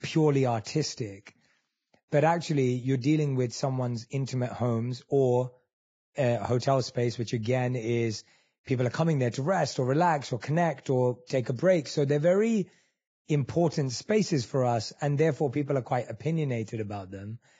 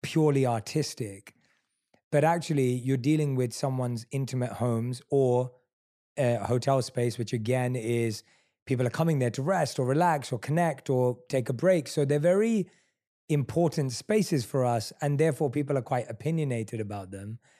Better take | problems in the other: second | garbled, watery; badly; nothing above 7.5 kHz

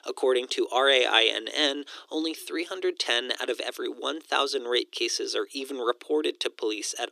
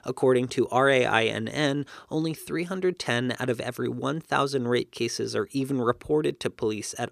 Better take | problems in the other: second | thin; somewhat; fading below 300 Hz

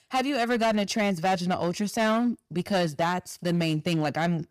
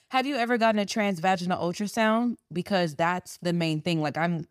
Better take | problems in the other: second | distortion; slight; 10% of the sound clipped

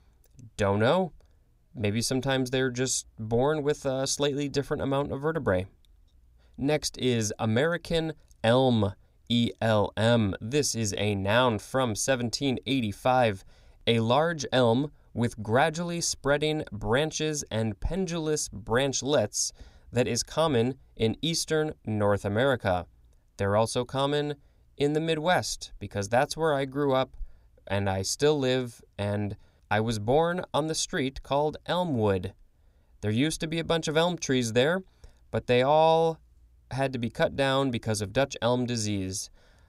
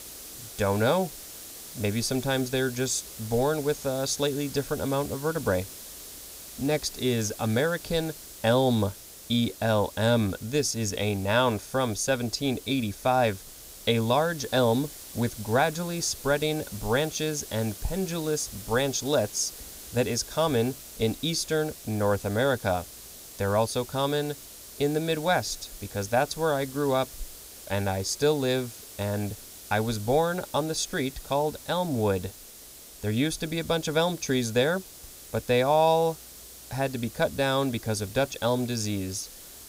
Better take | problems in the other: first | hiss; noticeable; throughout; 15 dB below the speech

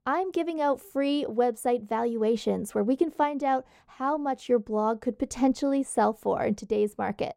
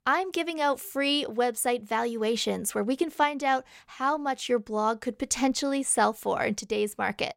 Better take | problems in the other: second | muffled; slightly; fading above 1 kHz

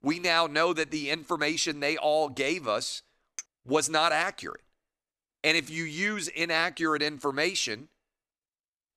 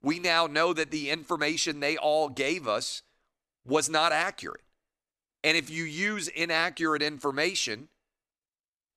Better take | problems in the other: second | clattering dishes; very faint; at 3.5 s; peak 15 dB below the speech

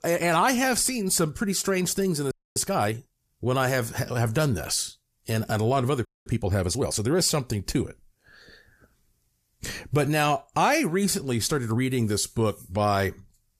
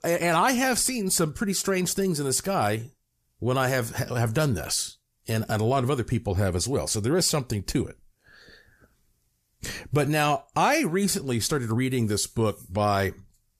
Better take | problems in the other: second | audio freezing; at 2.5 s and at 6 s

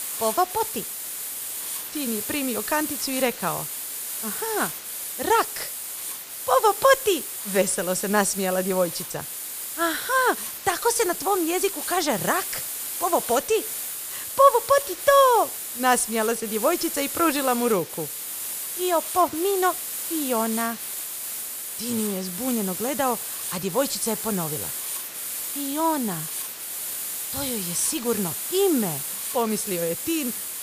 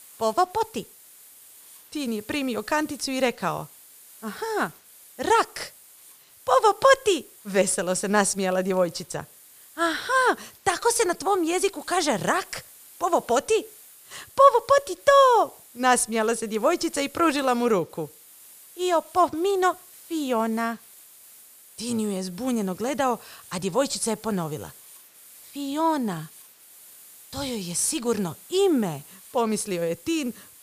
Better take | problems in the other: second | hiss; loud; throughout; 5 dB below the speech; faint in the second

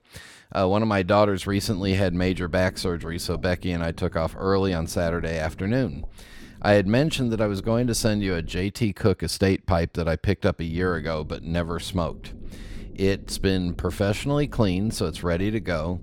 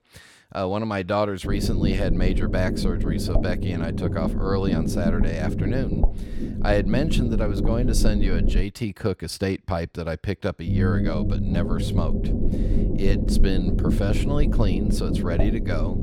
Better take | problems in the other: first | low rumble; loud; from 1.5 to 8.5 s and from 11 s on; 4 dB below the speech; faint in the first

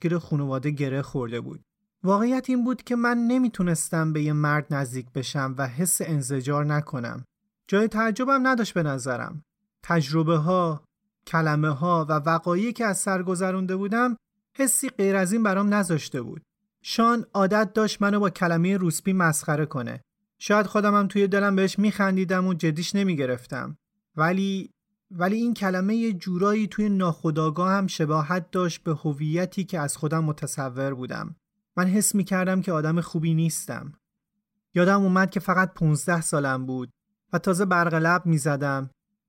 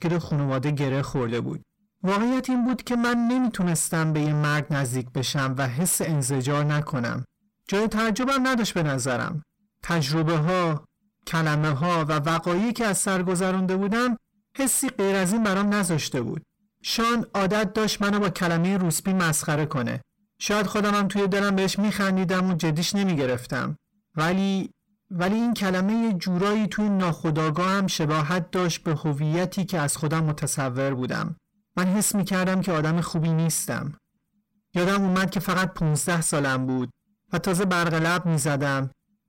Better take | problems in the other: first | distortion; heavy; 8 dB below the speech

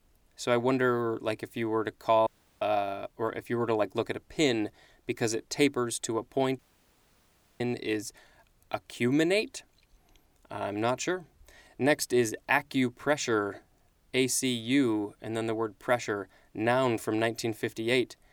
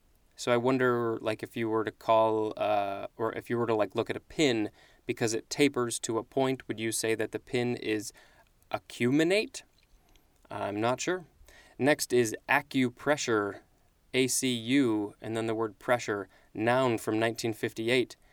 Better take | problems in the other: second | audio cutting out; at 2.5 s and at 6.5 s for 1 s

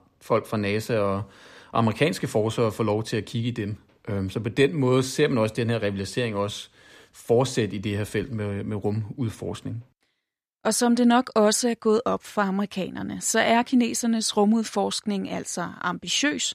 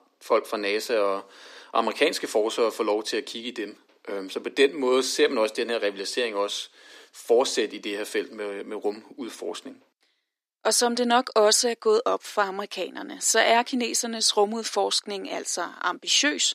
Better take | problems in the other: first | thin; somewhat; fading below 300 Hz

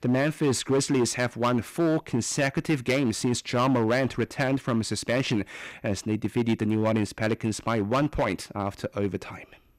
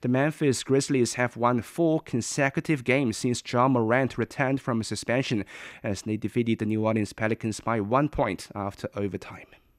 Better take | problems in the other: second | distortion; slight; 8% of the sound clipped

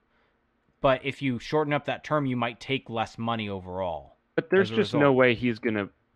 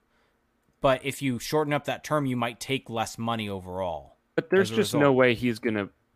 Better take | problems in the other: second | muffled; slightly; fading above 3 kHz

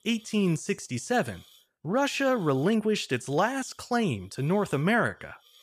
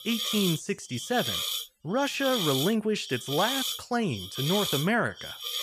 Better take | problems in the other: first | hiss; loud; throughout; 2 dB below the speech; faint in the first

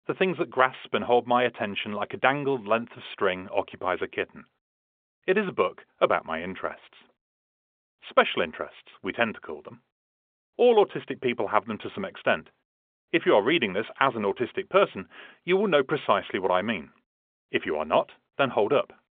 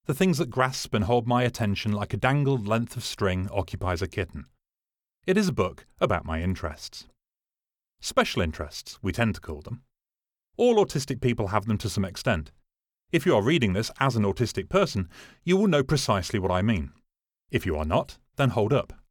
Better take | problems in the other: second | phone-call audio; nothing above 3.5 kHz

